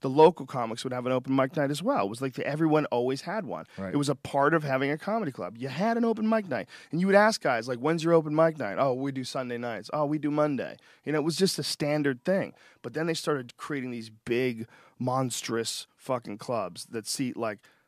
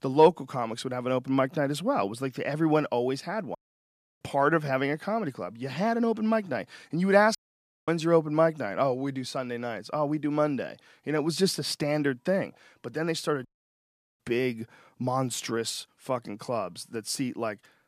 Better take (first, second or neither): first